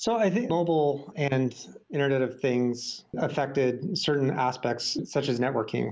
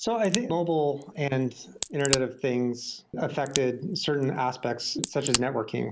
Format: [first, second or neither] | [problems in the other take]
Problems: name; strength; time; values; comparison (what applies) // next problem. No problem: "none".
first | background sound (Crack); 7 dB below the speech